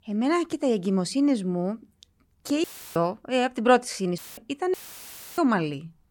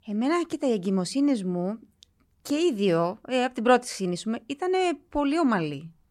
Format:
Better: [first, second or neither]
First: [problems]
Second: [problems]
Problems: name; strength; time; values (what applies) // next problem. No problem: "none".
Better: second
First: audio cutting out; filled with static; at 2.5 s, at 4 s and at 4.5 s for 0.5 s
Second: none